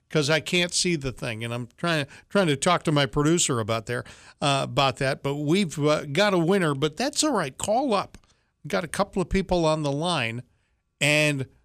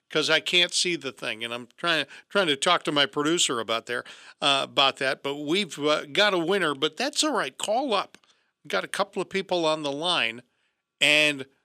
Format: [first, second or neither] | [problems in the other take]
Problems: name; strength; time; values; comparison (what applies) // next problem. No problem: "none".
first | thin; somewhat; fading below 300 Hz